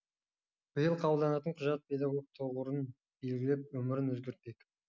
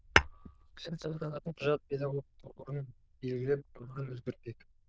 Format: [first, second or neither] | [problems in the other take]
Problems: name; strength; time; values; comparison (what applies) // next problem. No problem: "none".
first | noise reduction (neural diffusion model UNIVERSE++)